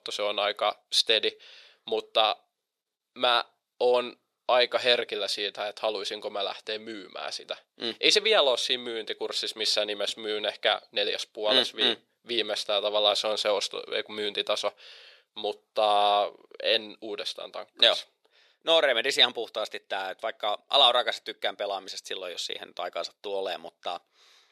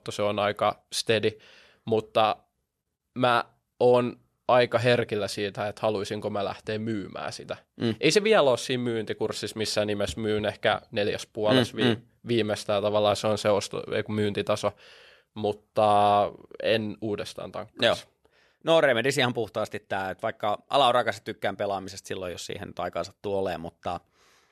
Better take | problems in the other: second | thin; somewhat; fading below 500 Hz

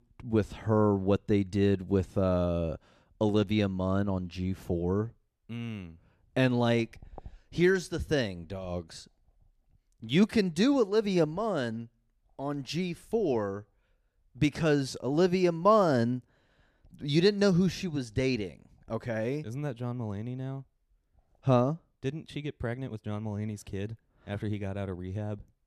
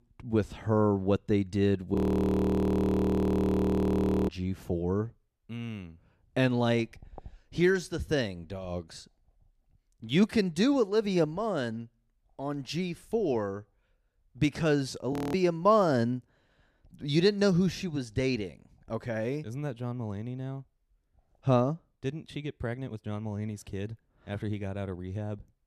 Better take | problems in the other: first | audio freezing; at 2 s for 2.5 s and at 15 s

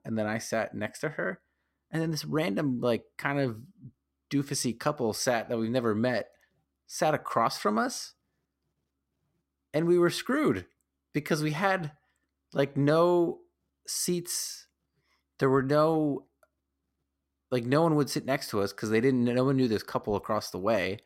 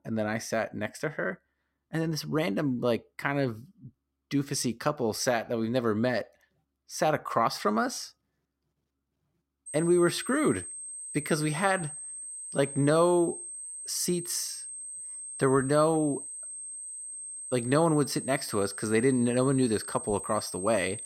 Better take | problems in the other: first | high-pitched whine; loud; from 9.5 s on; 8.5 kHz, 9 dB below the speech

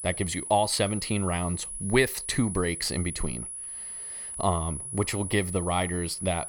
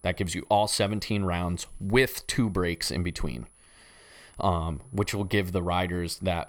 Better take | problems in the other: second | high-pitched whine; loud; throughout; 10.5 kHz, 7 dB below the speech; faint in the second

